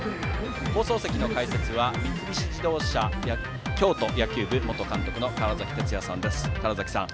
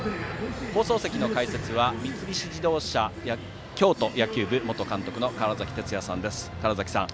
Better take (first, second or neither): second